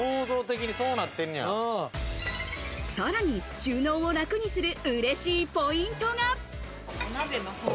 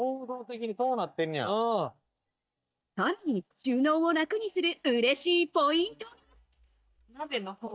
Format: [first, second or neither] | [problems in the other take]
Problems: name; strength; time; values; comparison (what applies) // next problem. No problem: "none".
first | noise reduction (neural mask model DeepFilterNet 3)